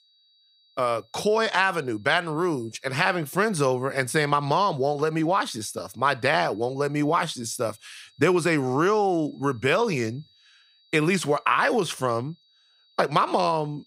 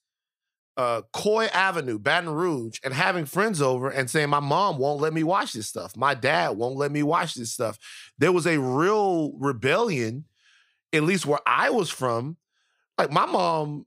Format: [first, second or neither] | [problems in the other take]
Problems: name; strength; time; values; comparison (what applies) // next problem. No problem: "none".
second | high-pitched whine; faint; throughout; 4 kHz, 35 dB below the speech